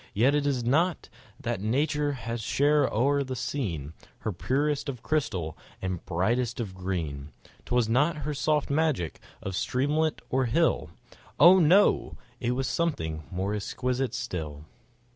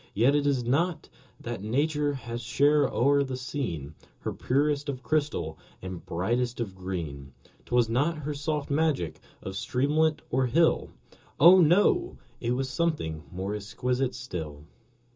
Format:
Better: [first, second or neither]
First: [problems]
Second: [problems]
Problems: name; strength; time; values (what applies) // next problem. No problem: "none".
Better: first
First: none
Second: room echo; dies away in 0.2 s